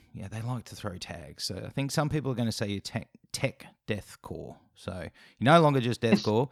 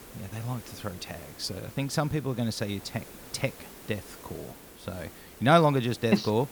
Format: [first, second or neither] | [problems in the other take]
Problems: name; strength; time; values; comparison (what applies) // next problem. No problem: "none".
first | hiss; noticeable; throughout; 20 dB below the speech